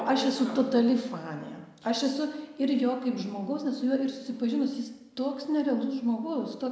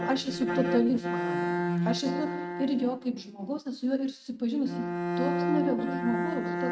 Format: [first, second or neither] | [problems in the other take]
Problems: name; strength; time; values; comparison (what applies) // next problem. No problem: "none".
first | noise reduction (neural mask model RNNoise)